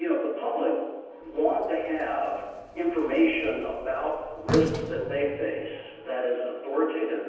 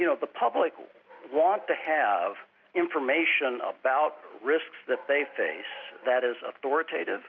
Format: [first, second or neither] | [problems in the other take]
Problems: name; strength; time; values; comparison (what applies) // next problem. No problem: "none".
second | background sound (Sliding door); 13 dB below the speech // room echo; dies away in 1.1 s